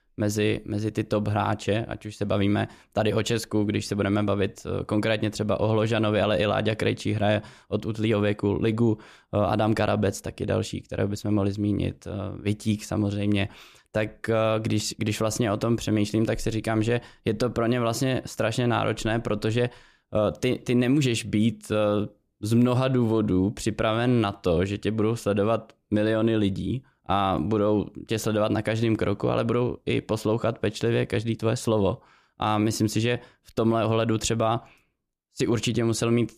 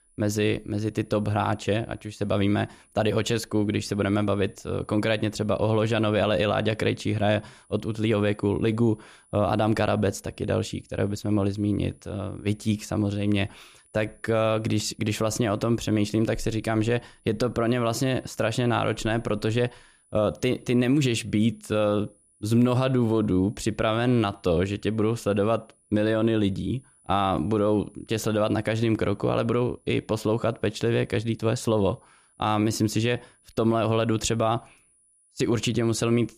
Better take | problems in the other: first | high-pitched whine; faint; throughout; 10 kHz, 35 dB below the speech

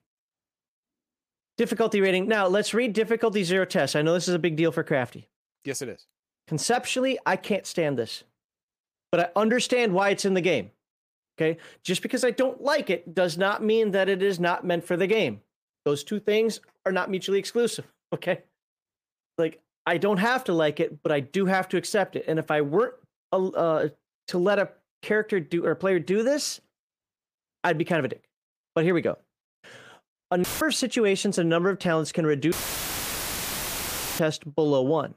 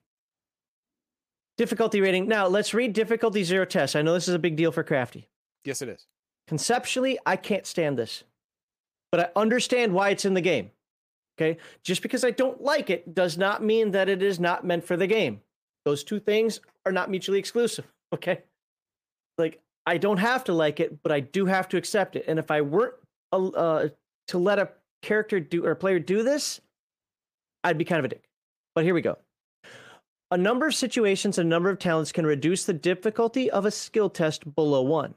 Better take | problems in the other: second | audio cutting out; filled with static; at 30 s and at 33 s for 1.5 s

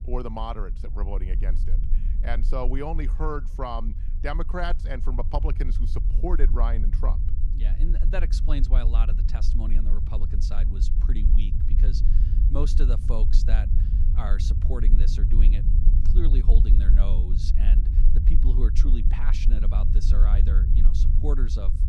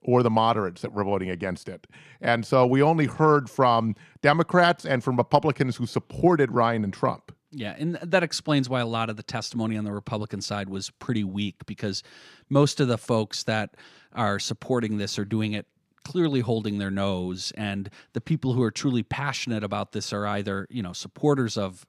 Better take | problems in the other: second | low rumble; loud; throughout; 8 dB below the speech

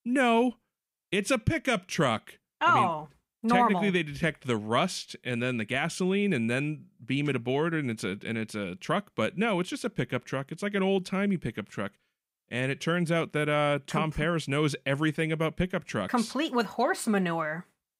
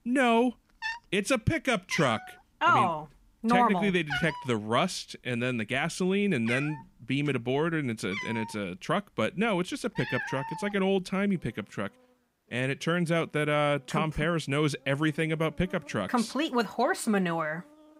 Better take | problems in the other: first | animal sounds; loud; throughout; 9 dB below the speech

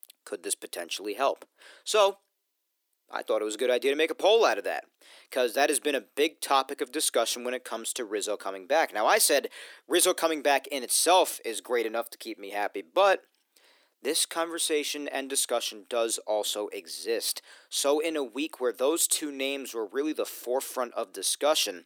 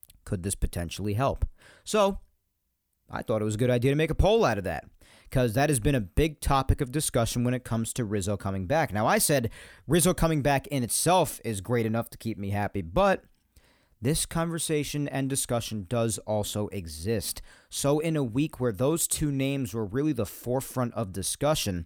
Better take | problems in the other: second | thin; very; fading below 300 Hz

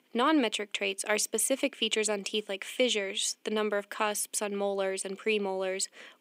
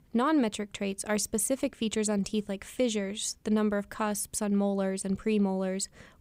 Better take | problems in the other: second | thin; somewhat; fading below 250 Hz

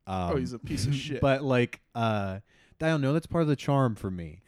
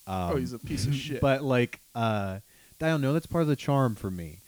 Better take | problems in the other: first | hiss; faint; throughout; 25 dB below the speech

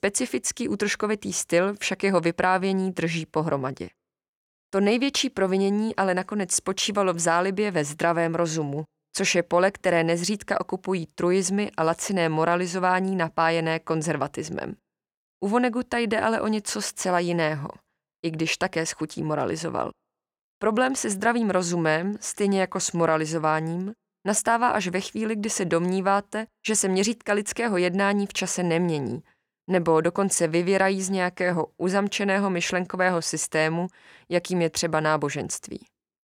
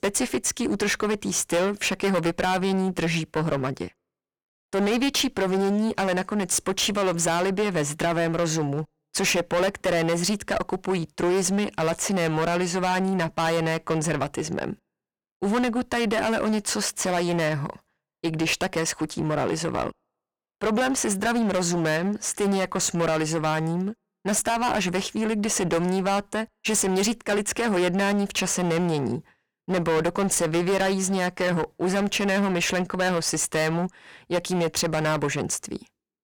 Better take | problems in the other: first | distortion; heavy; 16% of the sound clipped

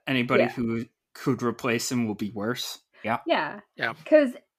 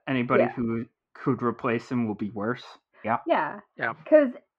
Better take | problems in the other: first | muffled; very; fading above 2 kHz

